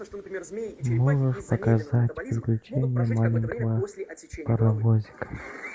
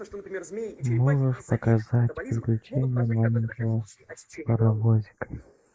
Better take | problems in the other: first | noise reduction (neural mask model Resemble Enhance denoiser)

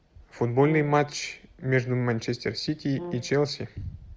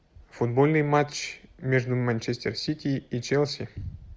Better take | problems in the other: second | background sound (Brass instrument); 15 dB below the speech

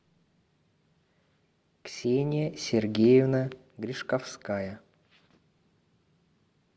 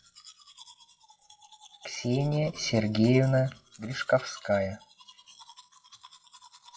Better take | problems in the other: first | noise reduction (classical method WPE with log-MMSE)

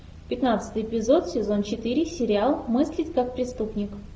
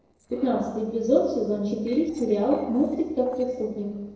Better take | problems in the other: first | noise reduction (neural separator model SepFormer DNS4)

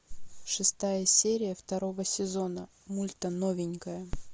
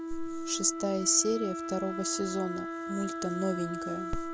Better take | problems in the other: first | background sound (Wind instrument, woodwind instrument); 5 dB below the speech

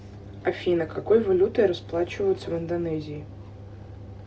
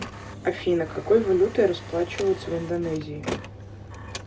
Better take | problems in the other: first | background sound (Printer); 14 dB below the speech

